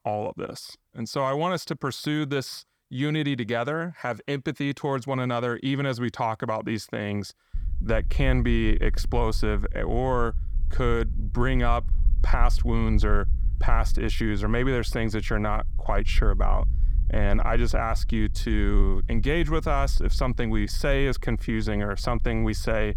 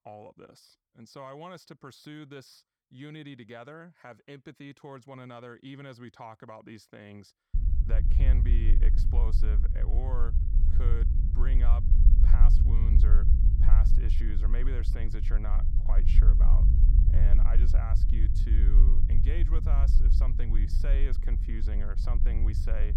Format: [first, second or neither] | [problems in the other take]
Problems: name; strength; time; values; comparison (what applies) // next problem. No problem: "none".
first | low rumble; loud; from 7.5 s on; 2 dB below the speech; faint in the first